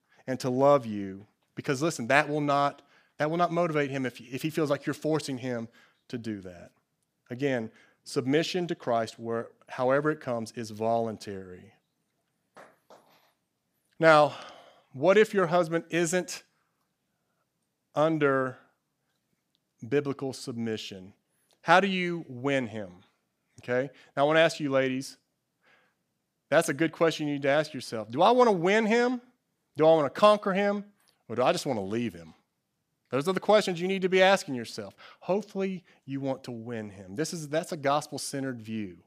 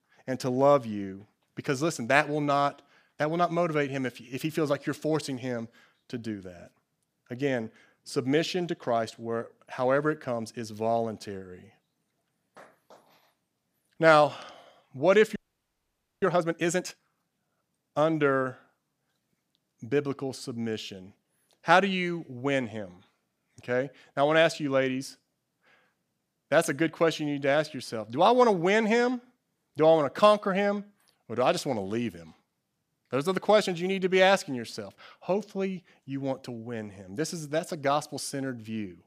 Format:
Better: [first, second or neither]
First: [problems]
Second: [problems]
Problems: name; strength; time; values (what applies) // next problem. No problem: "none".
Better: first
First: none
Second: audio freezing; at 15 s for 1 s